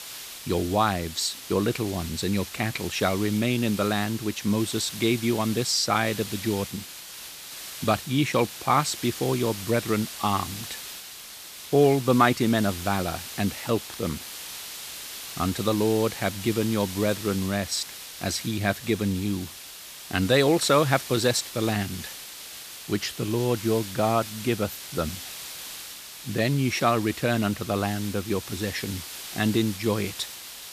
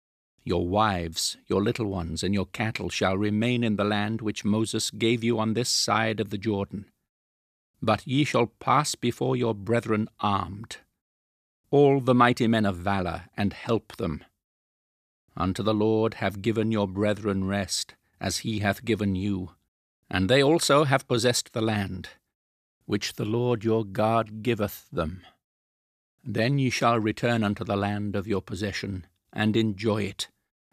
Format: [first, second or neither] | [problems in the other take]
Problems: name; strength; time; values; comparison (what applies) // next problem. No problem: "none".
second | hiss; noticeable; throughout; 10 dB below the speech